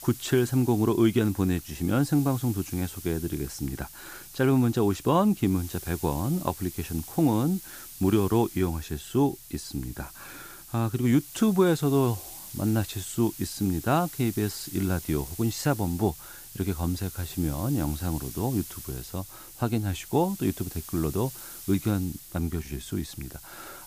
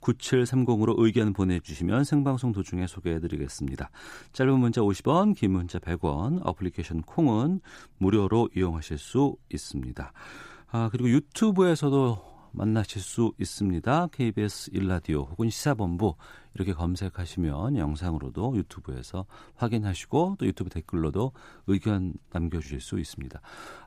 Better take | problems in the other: second | hiss; noticeable; throughout; 15 dB below the speech

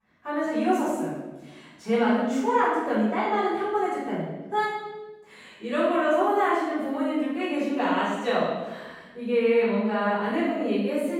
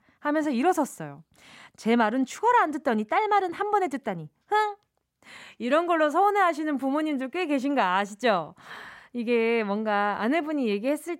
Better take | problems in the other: second | off-mic speech; far // room echo; strong; dies away in 1.1 s

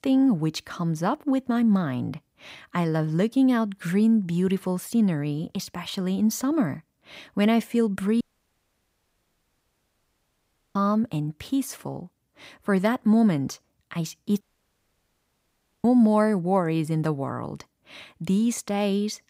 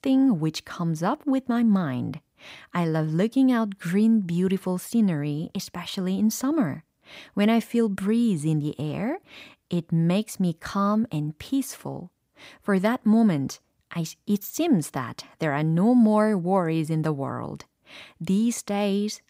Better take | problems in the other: second | audio cutting out; at 8 s for 2.5 s and at 14 s for 1.5 s

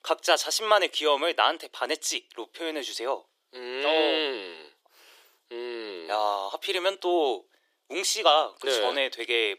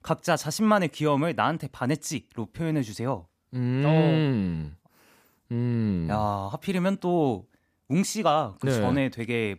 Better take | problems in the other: second | thin; very; fading below 350 Hz

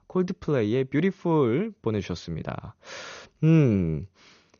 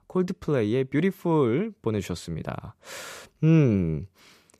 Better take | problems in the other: second | garbled, watery; slightly; nothing above 6.5 kHz

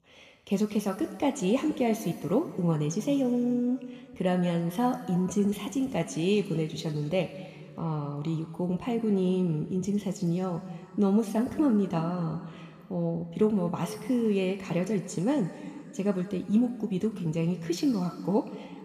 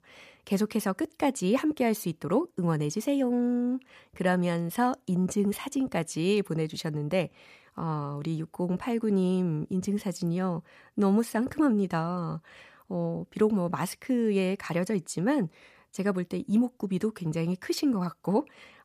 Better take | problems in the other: second | room echo; slight; dies away in 1.9 s

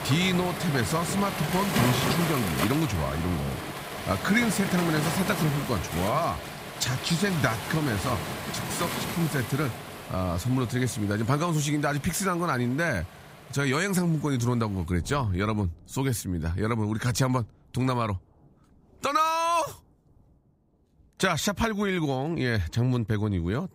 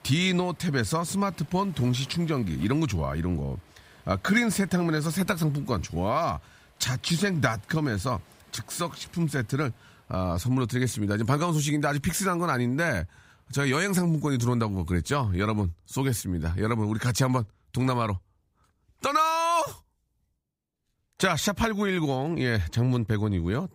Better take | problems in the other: second | rain or running water; loud; throughout; 5 dB below the speech; faint in the second

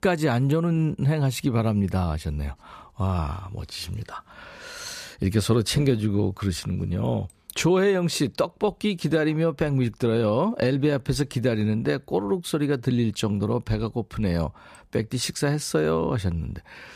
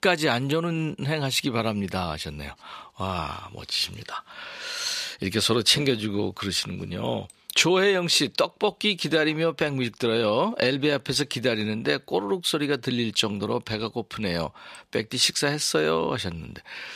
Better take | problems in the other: first | thin; very slightly; fading below 700 Hz

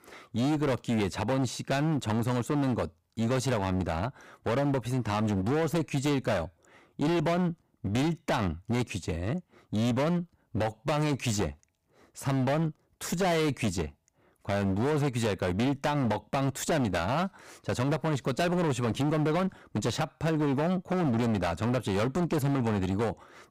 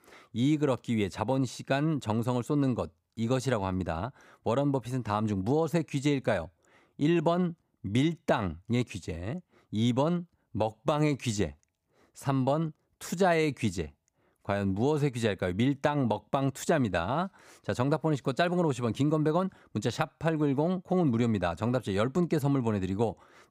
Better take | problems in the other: second | distortion; heavy; 25% of the sound clipped

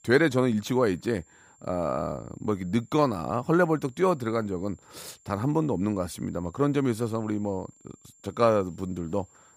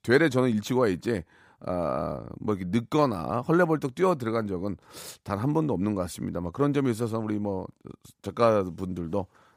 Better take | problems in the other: second | high-pitched whine; faint; throughout; 7.5 kHz, 30 dB below the speech

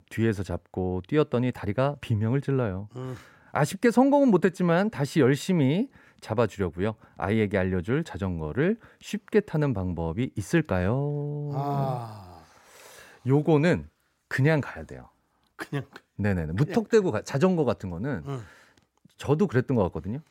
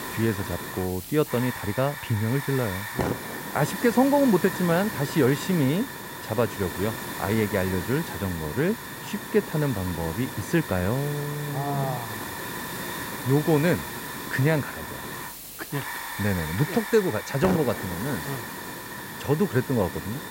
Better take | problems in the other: first | hiss; loud; throughout; 7 dB below the speech

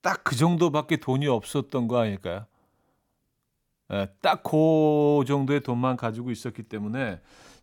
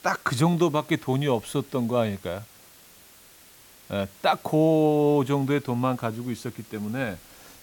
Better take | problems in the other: first | hiss; faint; throughout; 25 dB below the speech

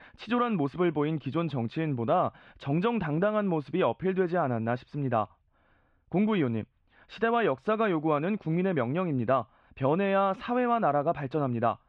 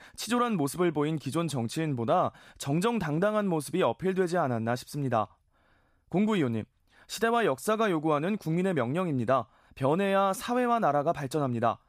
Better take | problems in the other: second | muffled; very; fading above 3 kHz

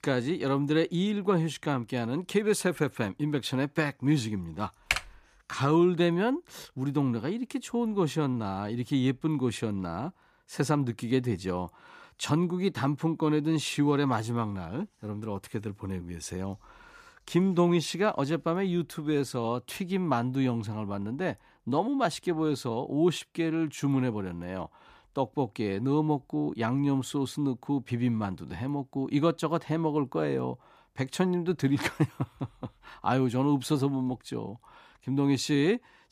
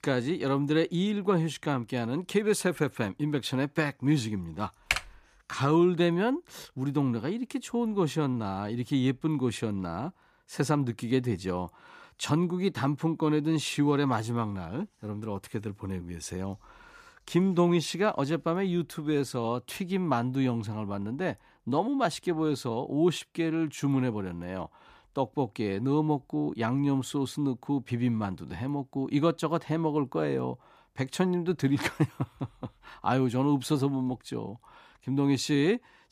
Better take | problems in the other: neither | keyboard typing; noticeable; at 5 s; peak 1 dB below the speech; the same in both

